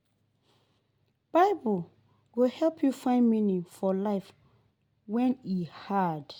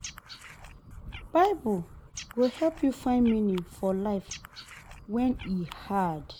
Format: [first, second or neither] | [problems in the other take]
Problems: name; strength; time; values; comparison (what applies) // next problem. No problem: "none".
first | background sound (Frog); 16 dB below the speech